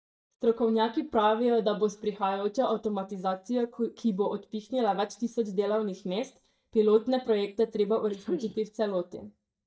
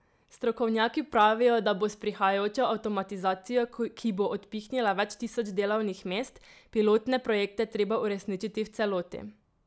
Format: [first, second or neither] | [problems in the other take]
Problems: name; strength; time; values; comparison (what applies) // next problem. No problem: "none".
second | noise reduction (neural mask model DeepFilterNet 3)